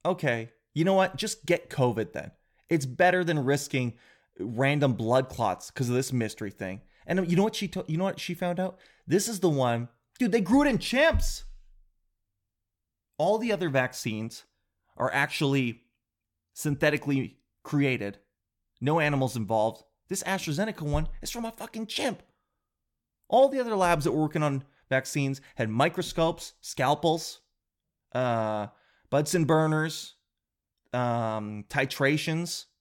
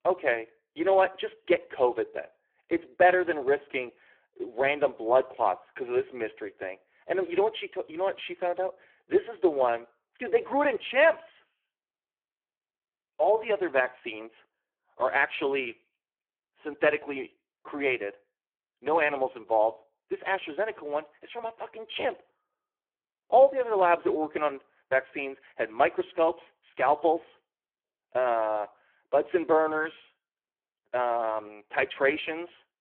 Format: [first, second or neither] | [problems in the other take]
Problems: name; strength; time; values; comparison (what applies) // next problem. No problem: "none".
first | phone-call audio; poor line